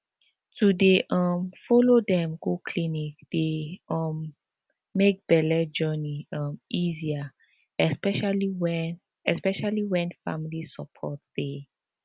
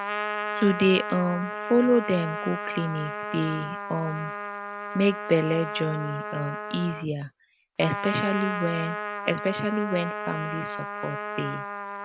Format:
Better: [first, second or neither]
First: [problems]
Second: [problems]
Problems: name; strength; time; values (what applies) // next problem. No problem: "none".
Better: first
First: none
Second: background sound (Trumpet); 6 dB below the speech